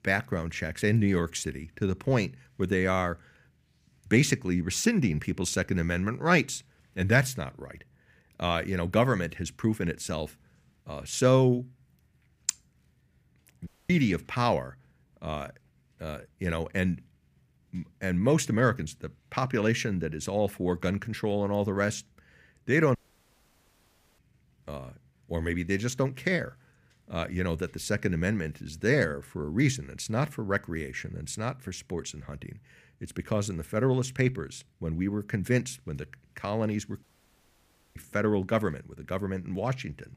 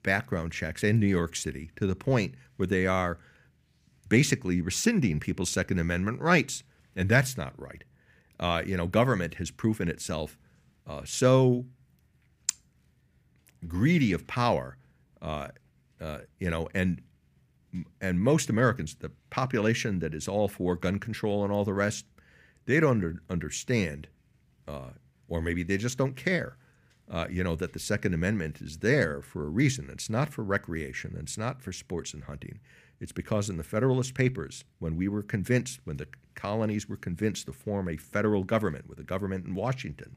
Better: second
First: audio cutting out; at 14 s, at 23 s for 1 s and at 37 s for 1 s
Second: none

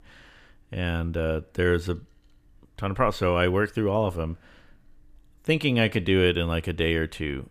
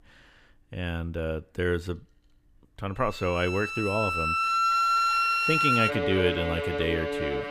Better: first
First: none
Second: background music; very loud; from 3 s on; 4 dB above the speech

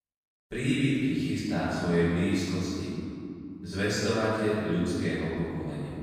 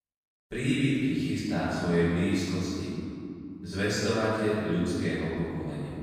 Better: neither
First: off-mic speech; far // room echo; strong; dies away in 2.7 s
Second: off-mic speech; far // room echo; strong; dies away in 2.7 s

